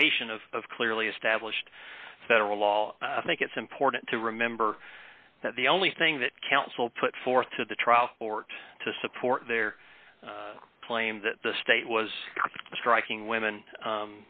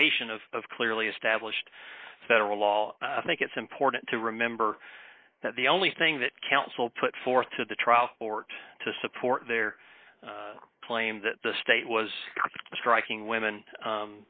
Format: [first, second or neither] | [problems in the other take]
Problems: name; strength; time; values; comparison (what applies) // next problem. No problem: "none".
first | noise reduction (neural mask model Resemble Enhance denoiser)